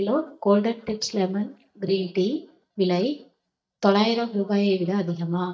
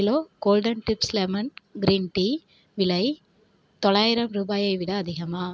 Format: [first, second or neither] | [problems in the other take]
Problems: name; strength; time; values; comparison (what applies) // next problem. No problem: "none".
second | noise reduction (neural mask model DeepFilterNet 3)